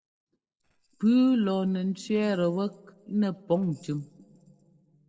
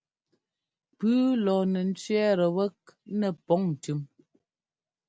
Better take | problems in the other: second | noise reduction (neural separator model SepFormer DNS4)

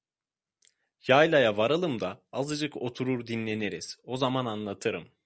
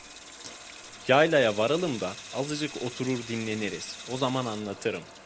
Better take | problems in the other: first | background sound (Sink (filling or washing) / Water tap, faucet); 15 dB below the speech

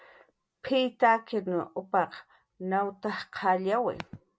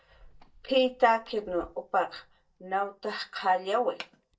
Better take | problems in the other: first | noise reduction (neural mask model DeepFilterNet 3)

